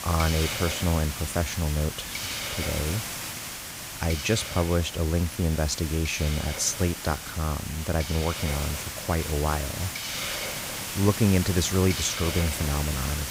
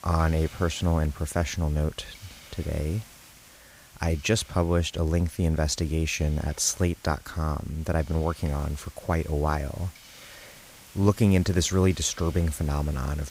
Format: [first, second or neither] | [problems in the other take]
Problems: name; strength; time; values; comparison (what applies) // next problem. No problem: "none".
second | hiss; loud; throughout; 5 dB below the speech; faint in the second